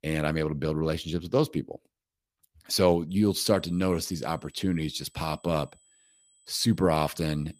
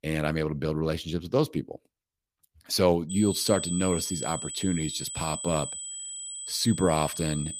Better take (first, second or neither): first